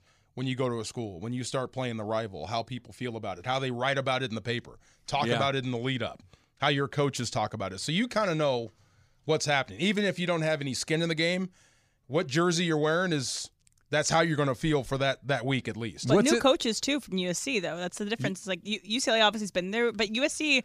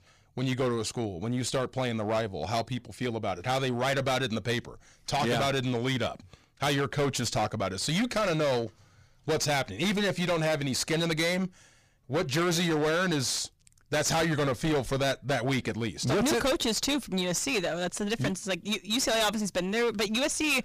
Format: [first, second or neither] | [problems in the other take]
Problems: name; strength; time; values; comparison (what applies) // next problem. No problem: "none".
first | distortion; heavy; 19% of the sound clipped